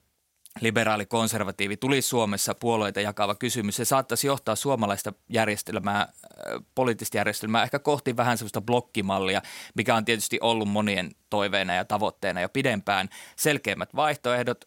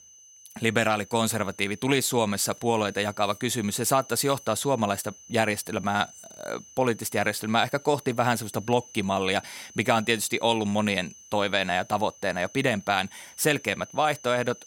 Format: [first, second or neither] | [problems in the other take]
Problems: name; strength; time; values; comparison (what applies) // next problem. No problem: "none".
first | high-pitched whine; faint; throughout; 6 kHz, 20 dB below the speech